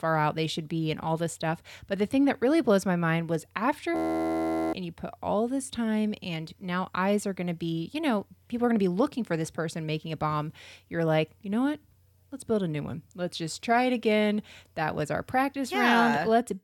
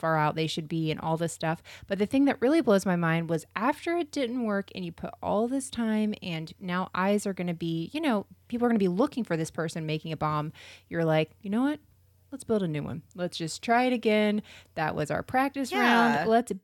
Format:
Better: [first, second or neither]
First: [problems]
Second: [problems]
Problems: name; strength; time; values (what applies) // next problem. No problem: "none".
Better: second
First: audio freezing; at 4 s for 1 s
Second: none